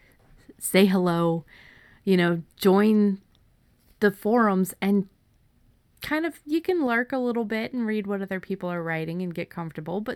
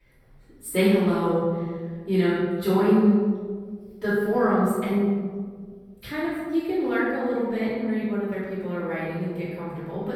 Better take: first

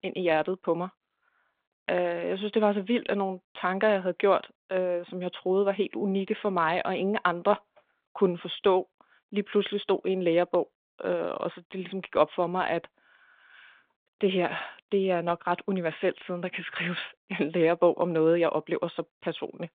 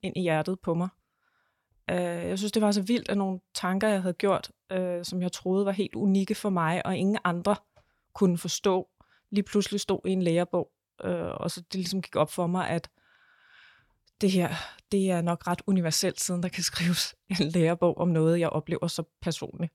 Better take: second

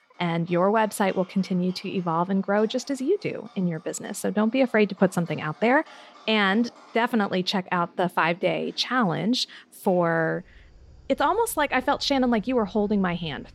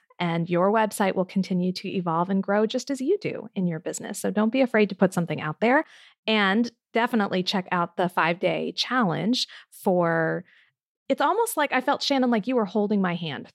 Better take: second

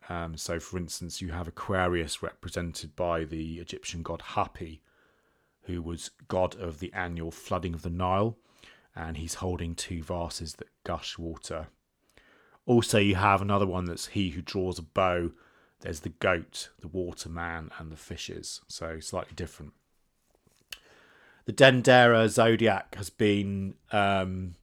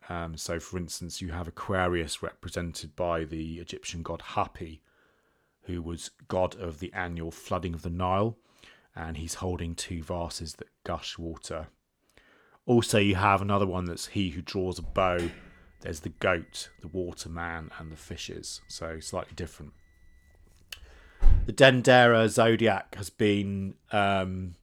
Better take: first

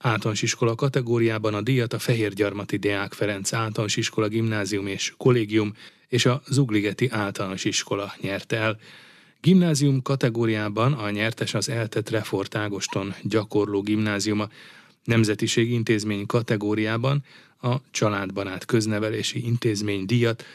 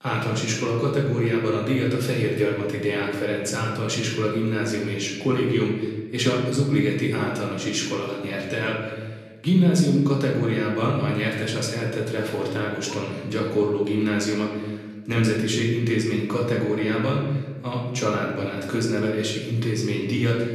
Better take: first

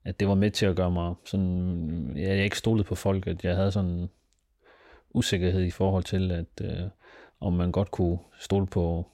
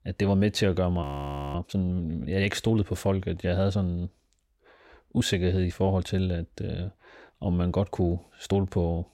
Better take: first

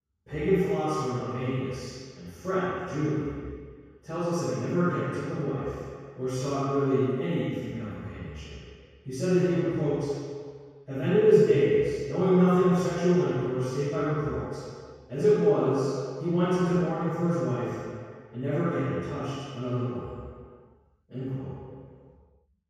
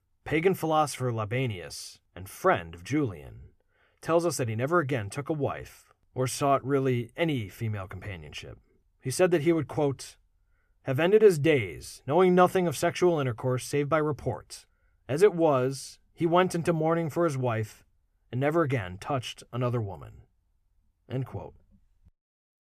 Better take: second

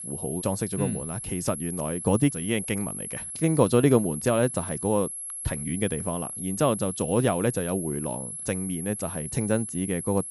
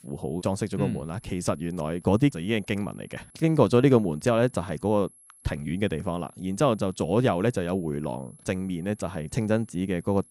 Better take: second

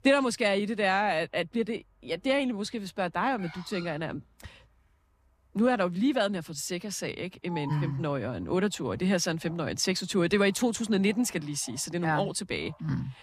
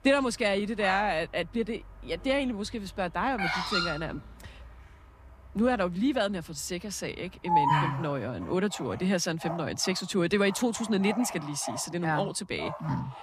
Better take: first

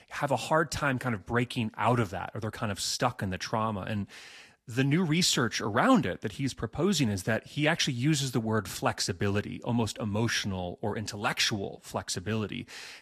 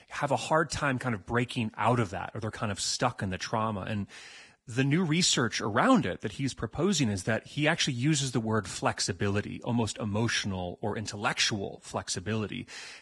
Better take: first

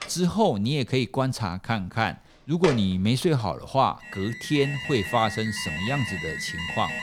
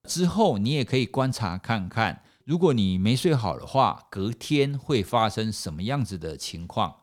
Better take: second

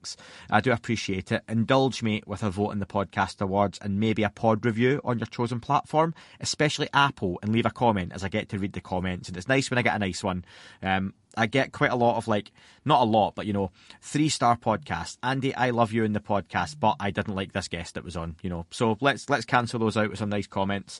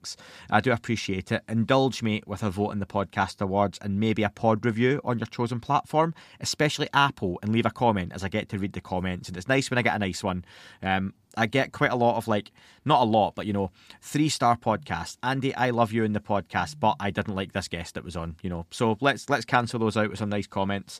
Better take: second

